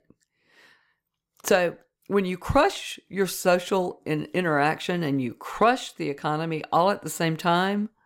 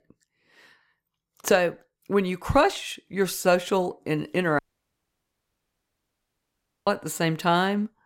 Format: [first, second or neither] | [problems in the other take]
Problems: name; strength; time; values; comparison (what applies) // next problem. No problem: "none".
first | audio cutting out; at 4.5 s for 2.5 s